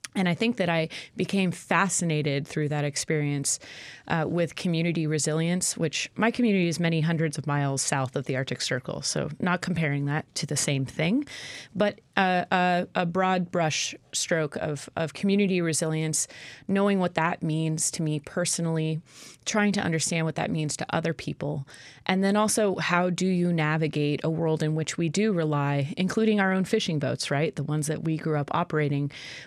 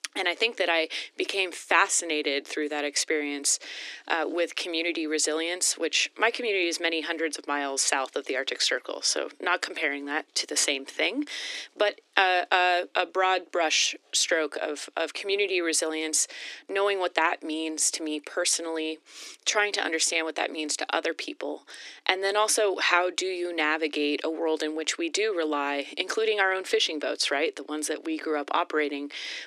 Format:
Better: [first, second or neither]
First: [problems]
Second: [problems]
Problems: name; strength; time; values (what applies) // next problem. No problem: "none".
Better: first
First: none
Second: thin; very; fading below 300 Hz